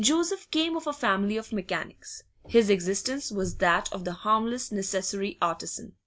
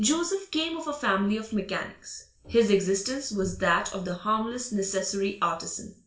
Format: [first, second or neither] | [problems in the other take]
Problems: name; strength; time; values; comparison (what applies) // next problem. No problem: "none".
first | room echo; dies away in 0.4 s